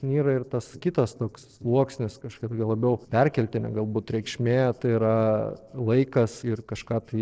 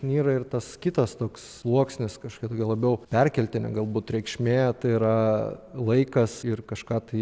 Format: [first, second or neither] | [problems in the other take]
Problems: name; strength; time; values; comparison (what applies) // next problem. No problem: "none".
second | noise reduction (neural separator model SepFormer DNS4)